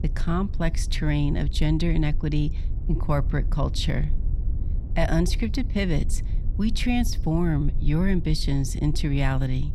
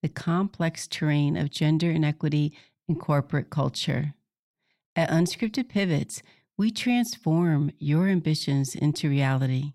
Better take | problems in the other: second | low rumble; noticeable; throughout; 15 dB below the speech

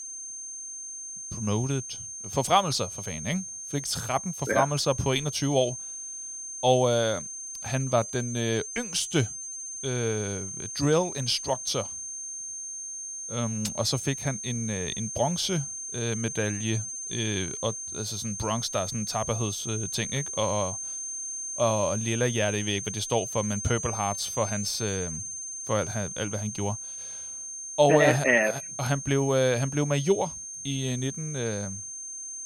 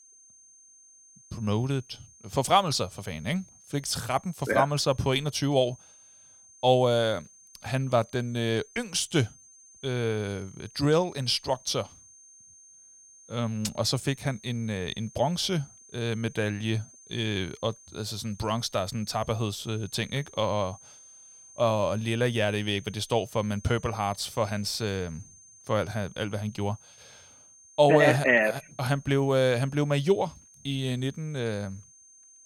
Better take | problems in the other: second | high-pitched whine; loud; throughout; 6.5 kHz, 6 dB below the speech; faint in the second

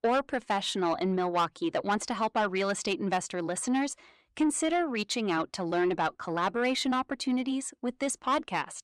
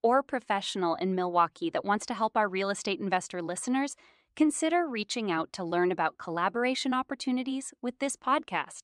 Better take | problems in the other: second | distortion; slight; 10 dB below the speech

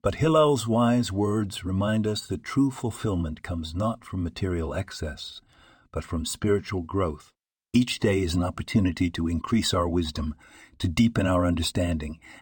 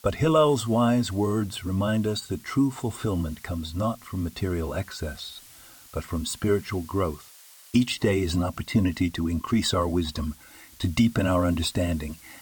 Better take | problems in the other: first | hiss; faint; throughout; 20 dB below the speech

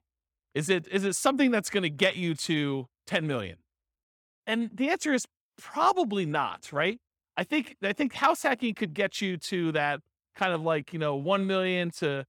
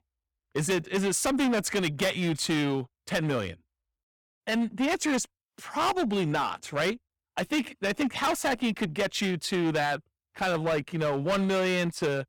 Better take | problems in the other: first | distortion; heavy; 14% of the sound clipped

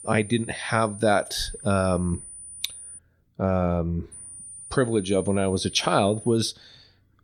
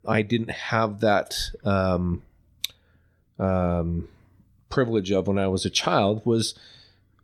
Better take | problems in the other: second | high-pitched whine; noticeable; until 3 s and from 4 to 6.5 s; 9.5 kHz, 15 dB below the speech

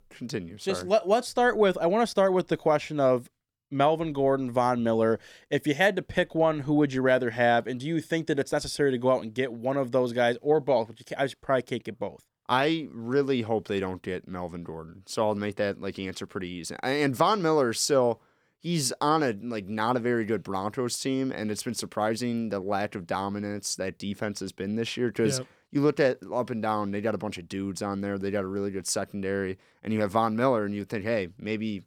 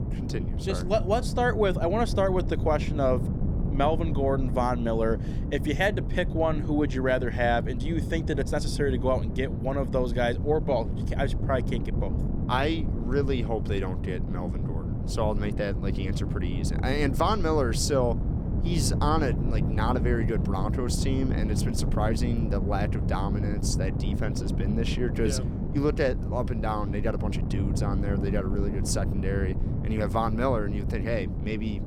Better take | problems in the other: first | wind noise on the microphone; occasional gusts; 10 dB below the speech

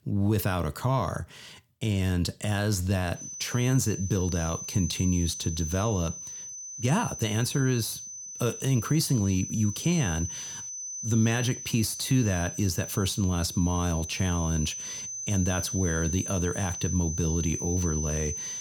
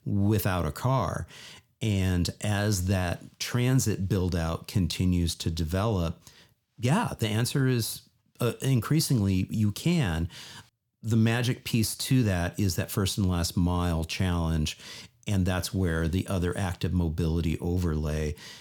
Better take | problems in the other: second | high-pitched whine; loud; from 3 s on; 6 kHz, 7 dB below the speech

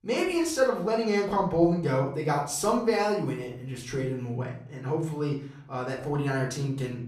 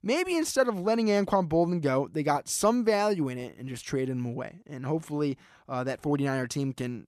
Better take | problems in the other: second | off-mic speech; far // room echo; slight; dies away in 0.5 s

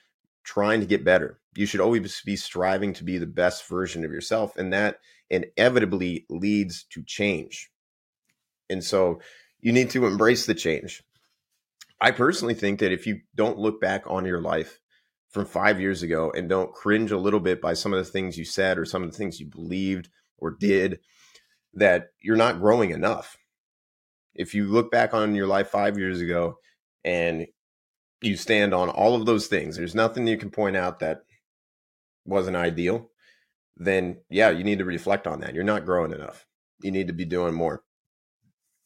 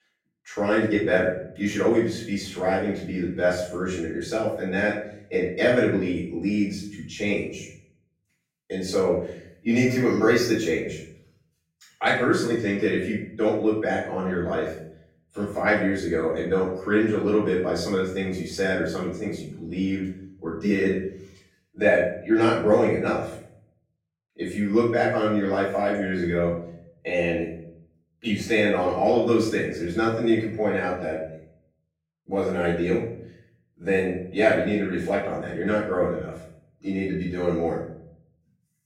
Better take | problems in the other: first | off-mic speech; far // room echo; noticeable; dies away in 0.6 s

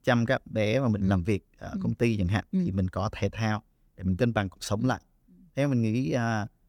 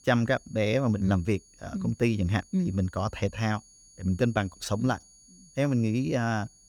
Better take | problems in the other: first | high-pitched whine; faint; throughout; 6.5 kHz, 25 dB below the speech

